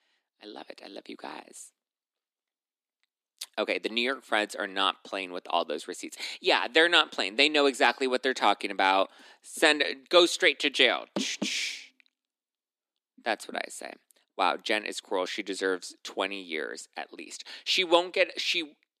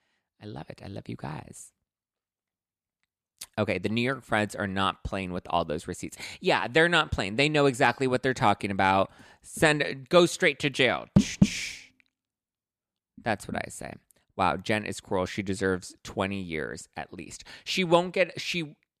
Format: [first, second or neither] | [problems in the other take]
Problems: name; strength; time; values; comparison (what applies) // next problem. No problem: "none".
second | thin; somewhat; fading below 250 Hz